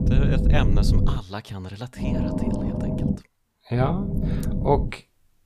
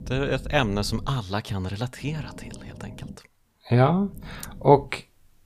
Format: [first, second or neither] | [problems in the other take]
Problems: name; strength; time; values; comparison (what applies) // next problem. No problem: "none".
second | low rumble; loud; until 1 s, from 2 to 3 s and from 4 to 5 s; 4 dB below the speech; faint in the second